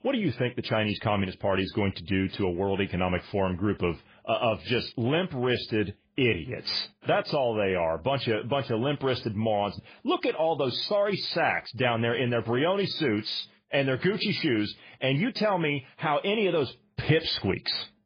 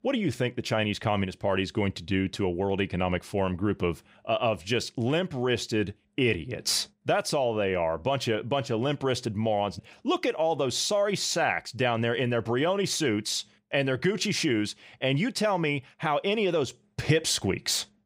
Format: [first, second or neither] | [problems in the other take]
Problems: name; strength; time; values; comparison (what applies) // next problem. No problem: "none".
second | garbled, watery; badly